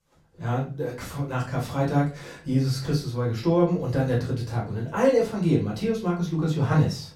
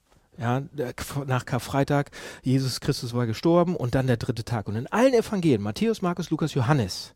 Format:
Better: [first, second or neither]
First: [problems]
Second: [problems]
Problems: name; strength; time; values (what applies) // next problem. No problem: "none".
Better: second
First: off-mic speech; far // room echo; slight; dies away in 0.3 s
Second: none